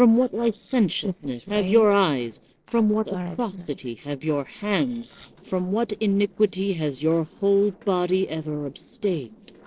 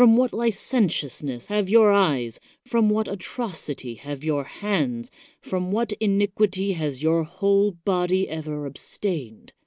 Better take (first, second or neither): second